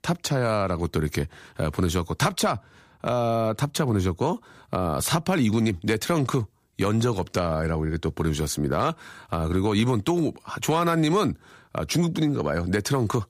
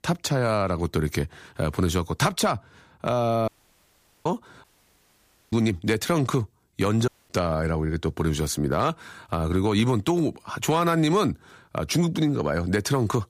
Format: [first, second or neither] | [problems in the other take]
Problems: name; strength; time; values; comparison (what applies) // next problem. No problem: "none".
first | audio cutting out; at 3.5 s for 1 s, at 4.5 s for 1 s and at 7 s